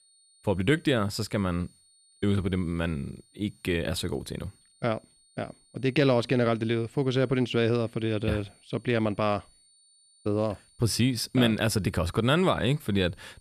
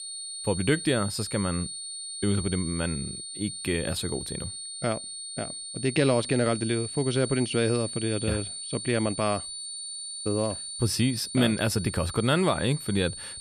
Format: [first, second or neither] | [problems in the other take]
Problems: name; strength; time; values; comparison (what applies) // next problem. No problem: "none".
first | high-pitched whine; loud; throughout; 9 kHz, 7 dB below the speech; faint in the first